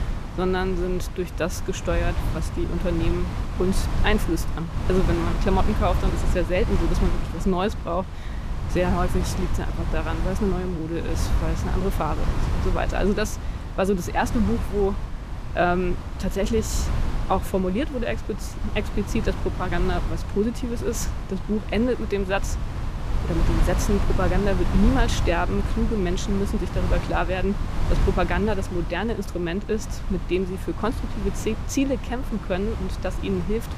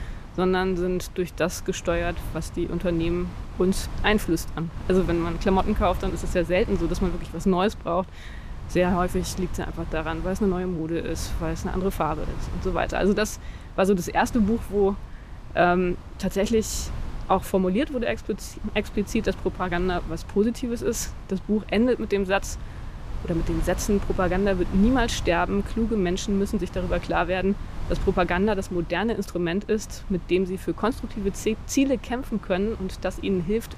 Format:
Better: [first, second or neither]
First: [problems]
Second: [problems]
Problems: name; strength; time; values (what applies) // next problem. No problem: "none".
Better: second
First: wind noise on the microphone; heavy; 8 dB below the speech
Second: wind noise on the microphone; occasional gusts; 15 dB below the speech